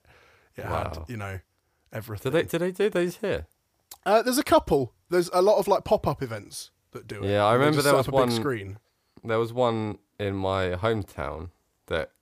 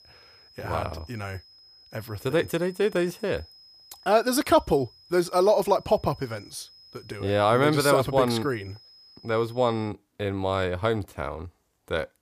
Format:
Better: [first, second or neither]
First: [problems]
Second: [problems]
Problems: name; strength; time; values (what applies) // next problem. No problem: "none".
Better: first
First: none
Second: high-pitched whine; faint; until 10 s; 5 kHz, 25 dB below the speech